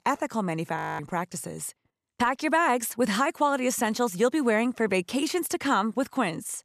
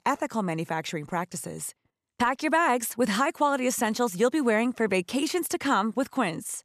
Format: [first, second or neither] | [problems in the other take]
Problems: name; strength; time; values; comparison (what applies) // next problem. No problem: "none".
second | audio freezing; at 1 s